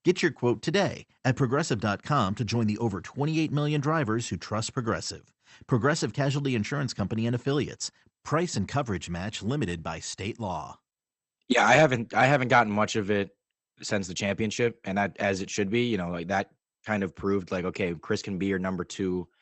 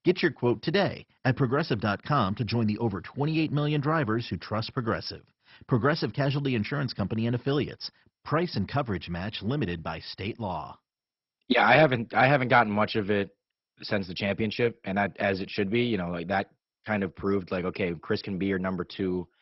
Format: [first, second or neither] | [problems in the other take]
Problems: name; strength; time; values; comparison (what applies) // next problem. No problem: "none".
first | garbled, watery; badly; nothing above 5.5 kHz; slightly in the first